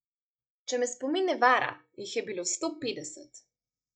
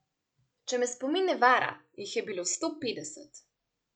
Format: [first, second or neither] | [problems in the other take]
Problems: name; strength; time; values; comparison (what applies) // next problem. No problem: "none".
second | noise reduction (neural mask model DeepFilterNet 3)